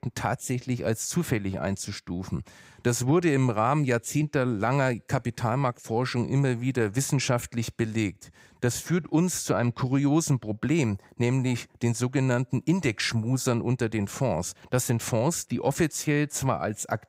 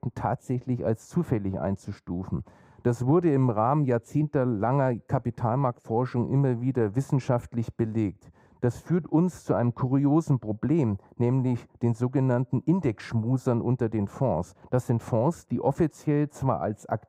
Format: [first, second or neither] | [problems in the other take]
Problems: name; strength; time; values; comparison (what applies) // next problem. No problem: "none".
first | muffled; very; fading above 1.5 kHz